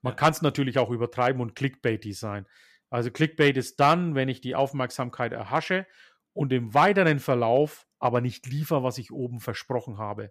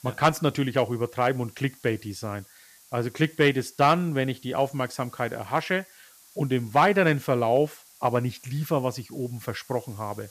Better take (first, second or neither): first